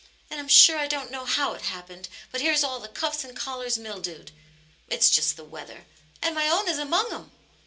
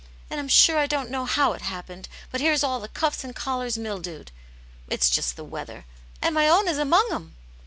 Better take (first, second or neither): second